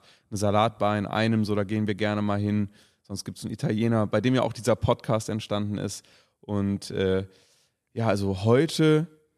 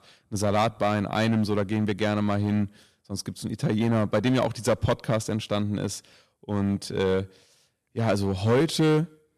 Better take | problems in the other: first | distortion; slight; 5% of the sound clipped

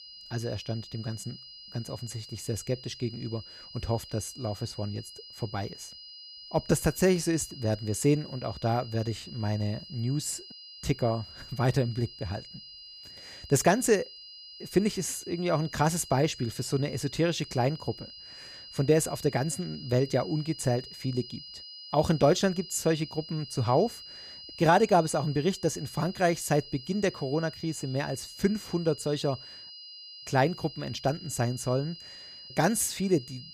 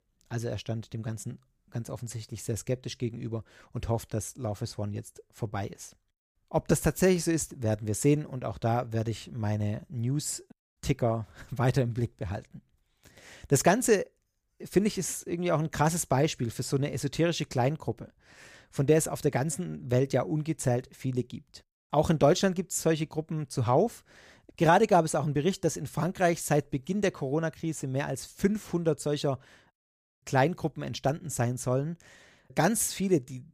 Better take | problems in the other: second | high-pitched whine; noticeable; throughout; 5 kHz, 15 dB below the speech

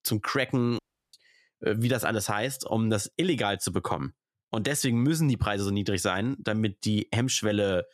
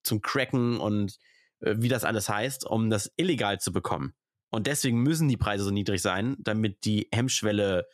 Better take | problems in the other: second | audio cutting out; at 1 s

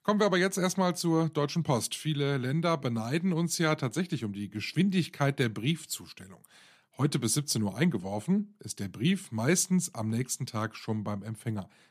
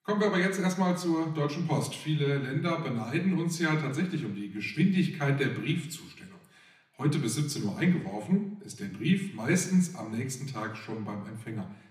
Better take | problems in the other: first | room echo; slight; dies away in 0.9 s // off-mic speech; somewhat distant

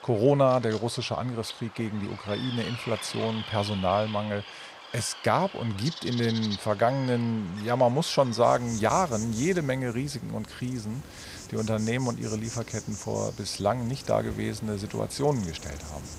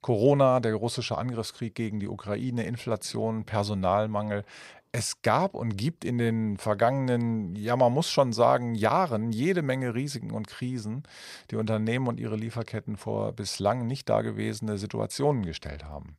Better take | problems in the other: second | animal sounds; noticeable; throughout; 10 dB below the speech

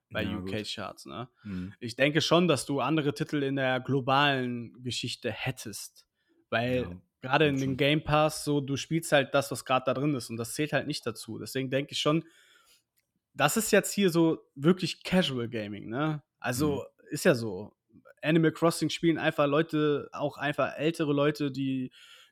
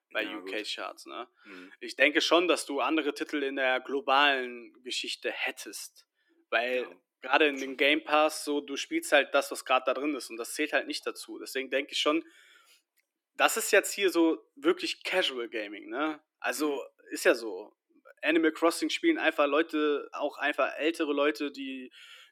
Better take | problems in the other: first | thin; somewhat; fading below 300 Hz

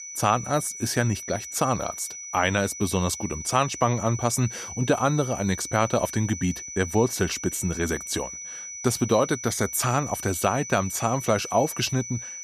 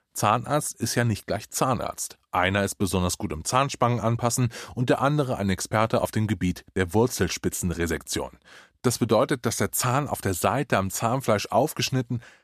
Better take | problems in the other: second | high-pitched whine; loud; throughout; 6 kHz, 9 dB below the speech

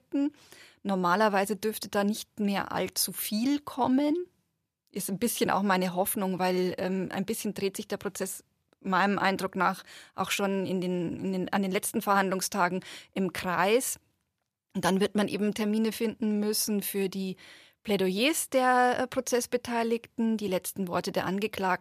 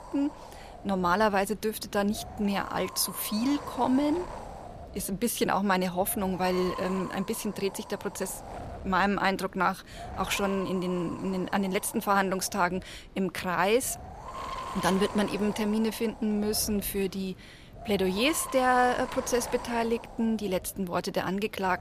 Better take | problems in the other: first | wind noise on the microphone; occasional gusts; 10 dB below the speech

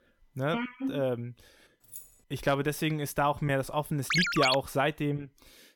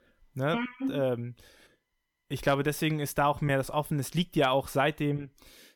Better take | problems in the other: second | jangling keys; faint; at 2 s; peak 15 dB below the speech // phone ringing; loud; at 4 s; peak 4 dB above the speech

